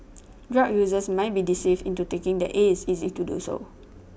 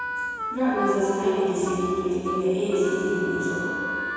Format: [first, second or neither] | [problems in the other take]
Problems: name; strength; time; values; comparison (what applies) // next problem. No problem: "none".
first | background sound (Harmonica); 7 dB below the speech // room echo; dies away in 2.1 s